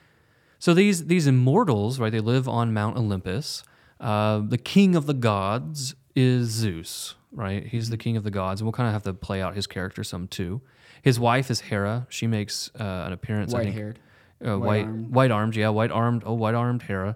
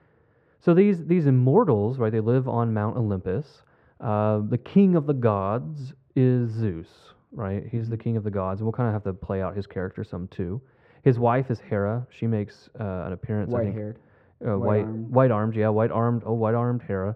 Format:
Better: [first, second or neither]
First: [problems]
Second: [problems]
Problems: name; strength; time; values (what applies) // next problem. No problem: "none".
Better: first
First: none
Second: muffled; very; fading above 3.5 kHz